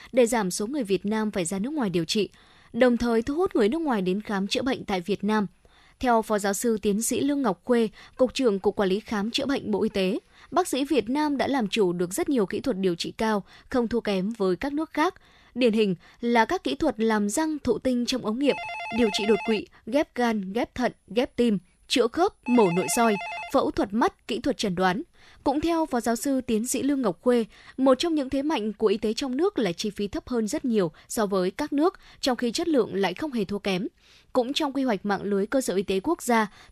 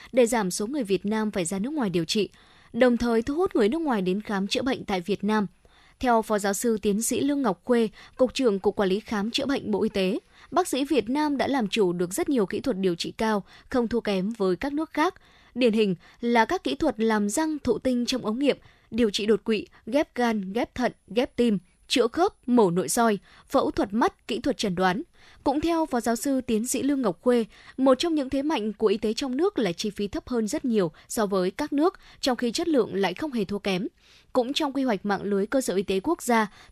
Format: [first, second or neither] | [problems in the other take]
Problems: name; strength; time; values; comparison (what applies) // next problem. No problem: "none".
second | phone ringing; noticeable; from 18 to 24 s; peak 7 dB below the speech